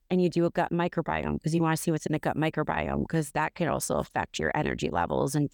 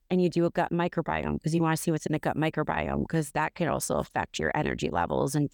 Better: neither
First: none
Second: none

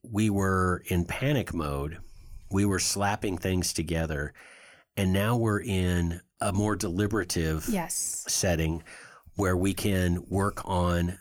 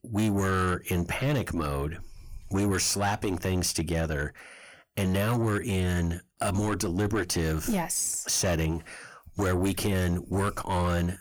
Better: first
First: none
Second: distortion; slight; 10 dB below the speech

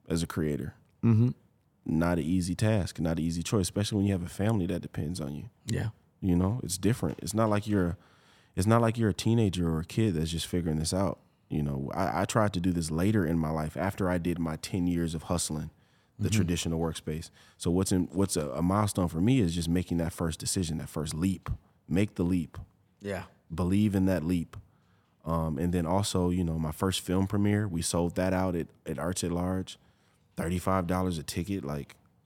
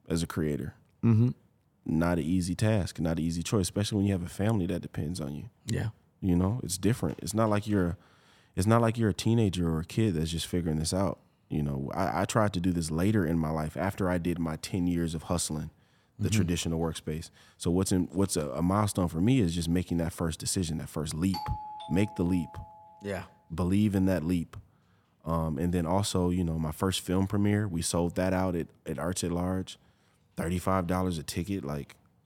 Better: first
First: none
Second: doorbell; noticeable; from 21 to 23 s; peak 8 dB below the speech

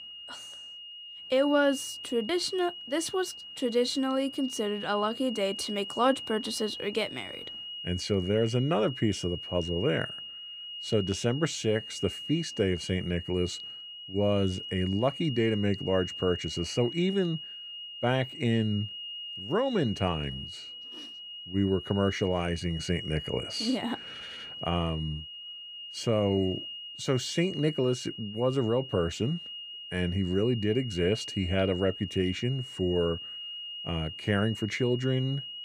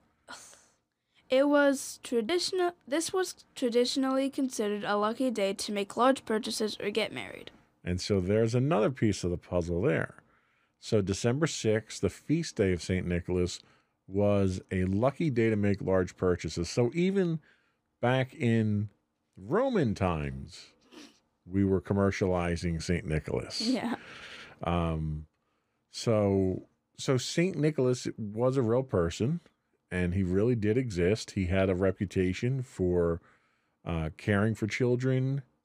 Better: second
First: high-pitched whine; loud; throughout; 3 kHz, 9 dB below the speech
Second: none

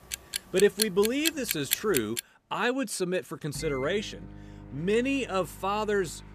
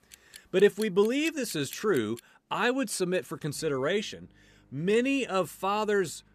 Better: second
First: household noises; loud; throughout; 3 dB below the speech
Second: household noises; faint; throughout; 20 dB below the speech

